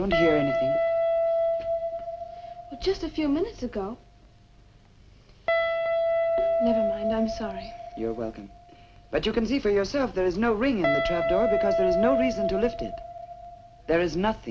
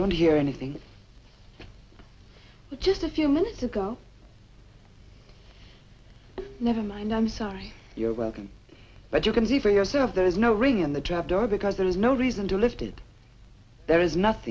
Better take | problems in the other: second | background sound (Guitar); as loud as the speech

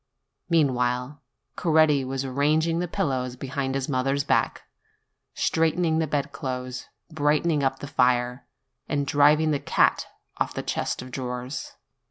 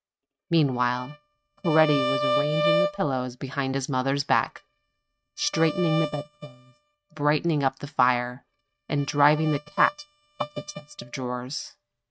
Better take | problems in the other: first | noise reduction (neural mask model RNNoise)

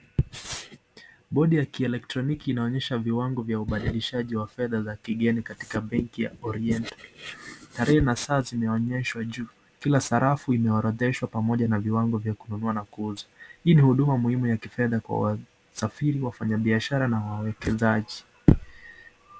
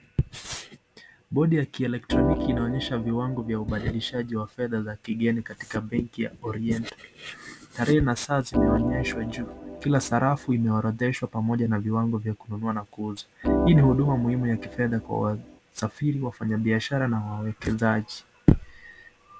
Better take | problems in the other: first | background sound (Organ); 3 dB below the speech

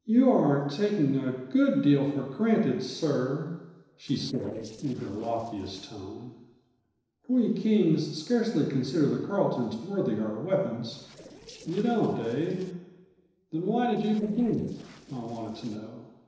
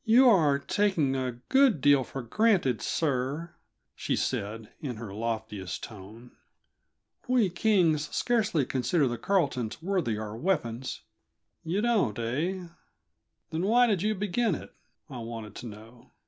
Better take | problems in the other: second | noise reduction (neural separator model SepFormer DNS4)

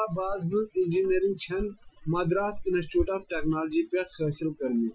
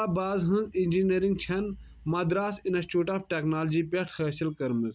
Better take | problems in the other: second | noise reduction (classical method Wiener filter)

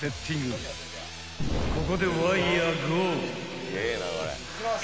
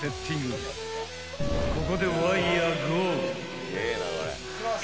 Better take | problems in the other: first | background sound (Wind instrument, woodwind instrument); 7 dB below the speech

